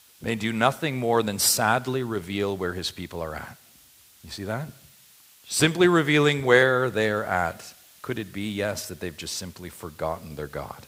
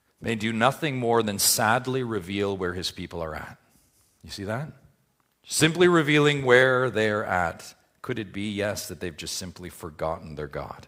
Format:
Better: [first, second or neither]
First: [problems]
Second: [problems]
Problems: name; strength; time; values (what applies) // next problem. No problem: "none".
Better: second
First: hiss; faint; throughout; 25 dB below the speech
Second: none